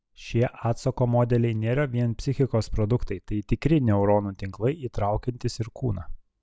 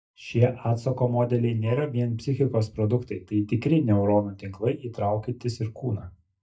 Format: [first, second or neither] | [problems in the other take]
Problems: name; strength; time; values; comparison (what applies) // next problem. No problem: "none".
first | noise reduction (neural mask model DeepFilterNet 3)